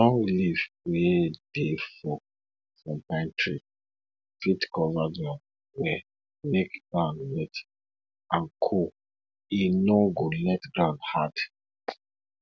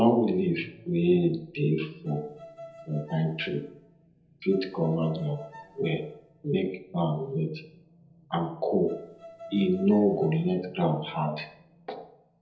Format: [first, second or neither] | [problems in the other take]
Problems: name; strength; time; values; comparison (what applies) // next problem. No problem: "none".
first | background sound (Bowed string instrument); 20 dB below the speech // room echo; dies away in 0.8 s